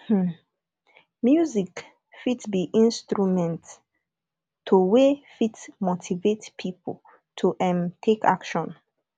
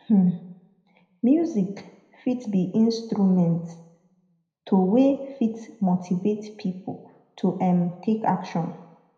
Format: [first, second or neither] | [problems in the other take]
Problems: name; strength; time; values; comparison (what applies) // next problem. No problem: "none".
first | room echo; dies away in 0.7 s